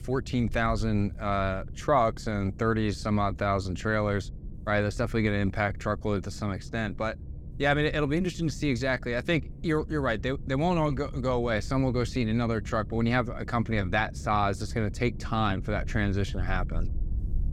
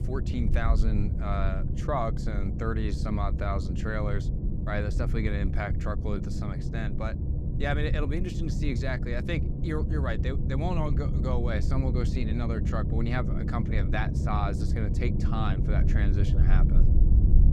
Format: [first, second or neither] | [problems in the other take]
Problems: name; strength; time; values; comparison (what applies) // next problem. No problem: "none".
first | low rumble; loud; throughout; 6 dB below the speech; faint in the first